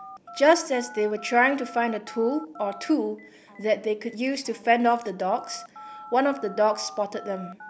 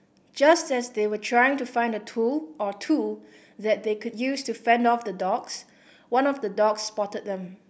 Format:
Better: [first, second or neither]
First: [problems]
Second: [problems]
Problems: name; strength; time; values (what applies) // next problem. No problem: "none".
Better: second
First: background sound (Telephone); 18 dB below the speech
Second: none